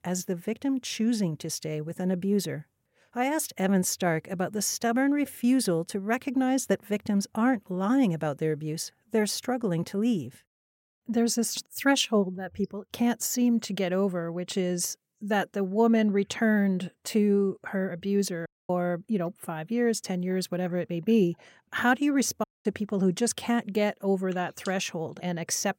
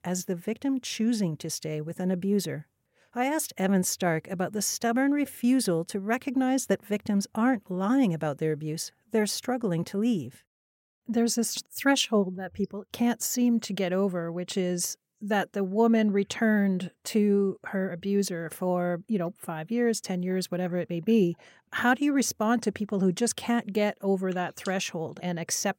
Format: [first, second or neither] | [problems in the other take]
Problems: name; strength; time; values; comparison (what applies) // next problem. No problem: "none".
second | audio cutting out; at 18 s and at 22 s